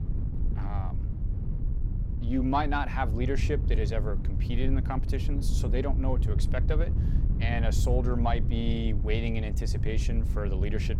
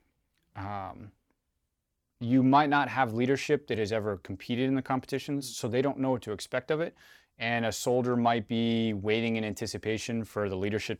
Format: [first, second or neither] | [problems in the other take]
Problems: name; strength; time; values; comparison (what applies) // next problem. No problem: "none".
second | wind noise on the microphone; occasional gusts; 10 dB below the speech